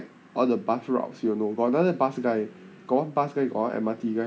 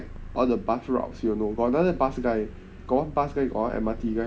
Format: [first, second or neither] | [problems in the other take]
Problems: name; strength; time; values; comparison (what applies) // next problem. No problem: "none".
first | background sound (Purr); 13 dB below the speech